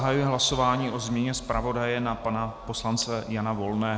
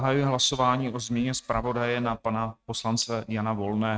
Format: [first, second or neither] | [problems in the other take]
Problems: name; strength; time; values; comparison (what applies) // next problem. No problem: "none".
first | noise reduction (neural mask model RNNoise)